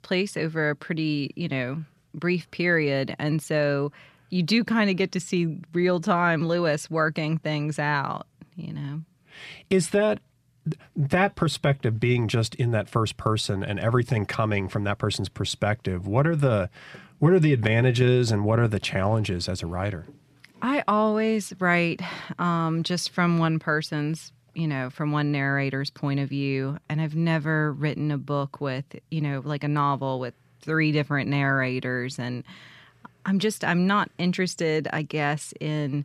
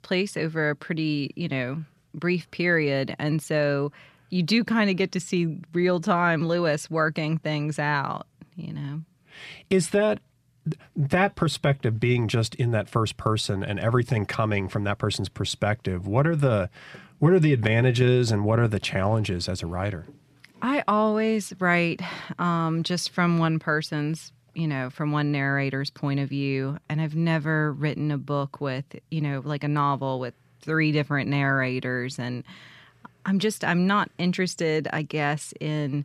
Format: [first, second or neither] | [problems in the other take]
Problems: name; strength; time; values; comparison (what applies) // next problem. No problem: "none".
neither | none